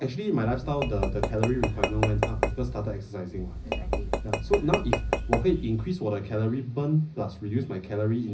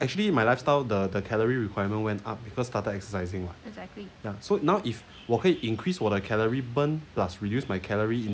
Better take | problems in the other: second | background sound (Tap / Glass); 1 dB below the speech // room echo; dies away in 0.4 s

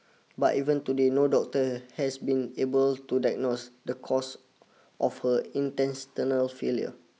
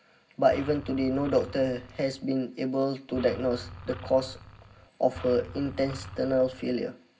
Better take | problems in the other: first | background sound (Engine); 15 dB below the speech // room echo; dies away in 0.4 s

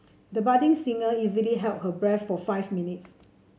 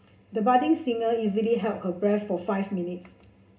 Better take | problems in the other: first | room echo; dies away in 0.2 s

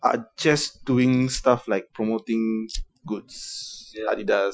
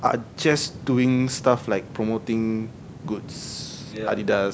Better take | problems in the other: second | noise reduction (classical method Wiener filter)

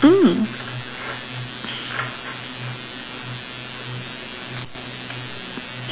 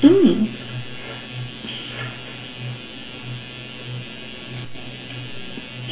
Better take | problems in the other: first | room echo; dies away in 0.7 s

